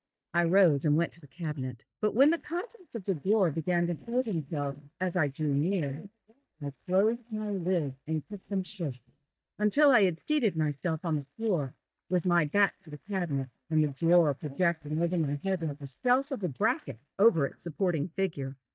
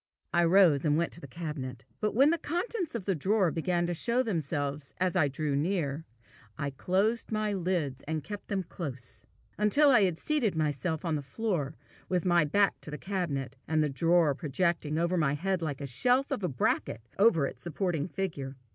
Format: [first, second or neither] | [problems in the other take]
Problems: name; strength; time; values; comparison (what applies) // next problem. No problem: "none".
second | noise reduction (neural mask model DeepFilterNet 3)